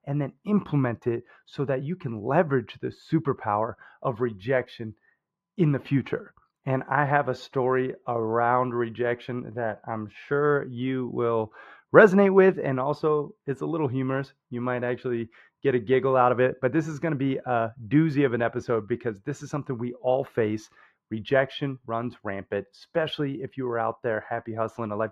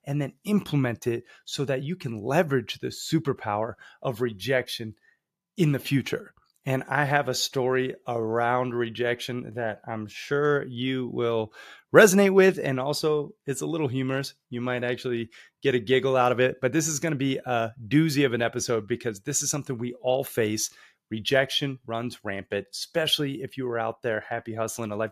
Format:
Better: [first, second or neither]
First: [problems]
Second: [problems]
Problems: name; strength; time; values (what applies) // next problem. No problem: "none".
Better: second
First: muffled; very; fading above 4 kHz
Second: none